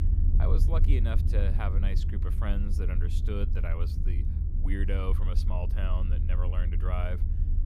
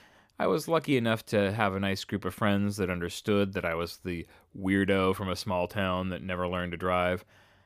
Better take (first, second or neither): second